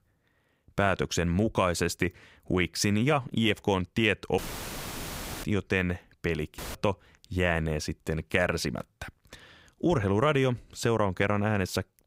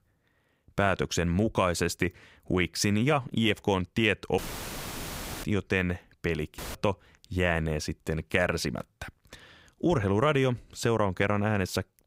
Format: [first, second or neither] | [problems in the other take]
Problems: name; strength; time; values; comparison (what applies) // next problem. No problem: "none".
neither | audio cutting out; filled with static; at 4.5 s for 1 s and at 6.5 s; the same in both